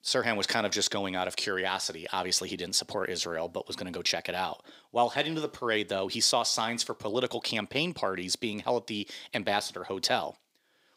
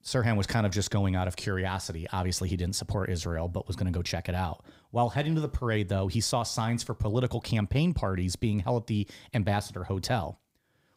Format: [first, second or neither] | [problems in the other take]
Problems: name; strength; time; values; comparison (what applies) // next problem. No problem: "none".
second | thin; somewhat; fading below 350 Hz